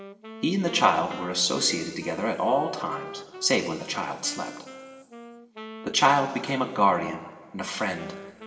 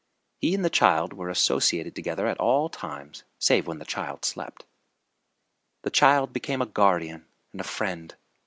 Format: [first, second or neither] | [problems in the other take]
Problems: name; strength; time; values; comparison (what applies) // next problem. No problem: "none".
second | background sound (Wind instrument, woodwind instrument); 16 dB below the speech // room echo; dies away in 2.2 s